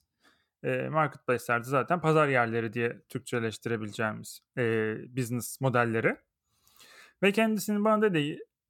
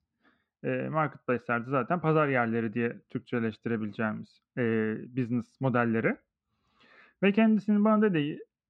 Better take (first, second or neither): first